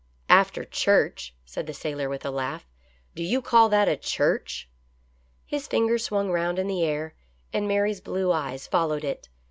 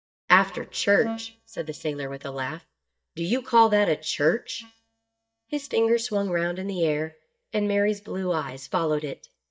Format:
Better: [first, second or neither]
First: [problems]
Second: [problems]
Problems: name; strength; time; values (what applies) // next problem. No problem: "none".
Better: first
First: none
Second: noise reduction (neural mask model DeepFilterNet 3)